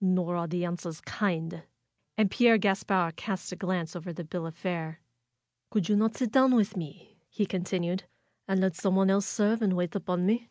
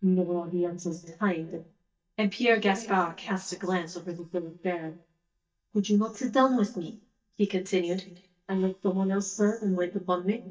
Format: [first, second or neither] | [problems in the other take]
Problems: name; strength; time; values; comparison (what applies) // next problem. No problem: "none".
first | noise reduction (neural mask model DeepFilterNet 3)